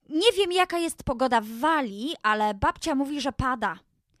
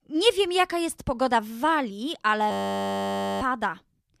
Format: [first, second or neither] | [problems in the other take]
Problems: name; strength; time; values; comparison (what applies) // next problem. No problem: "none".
first | audio freezing; at 2.5 s for 1 s